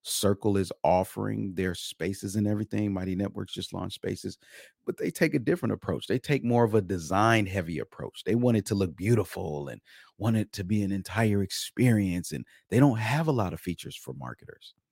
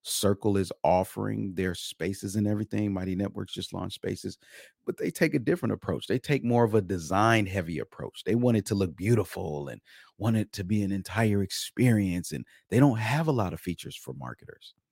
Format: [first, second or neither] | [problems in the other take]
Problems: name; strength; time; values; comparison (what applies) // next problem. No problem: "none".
neither | none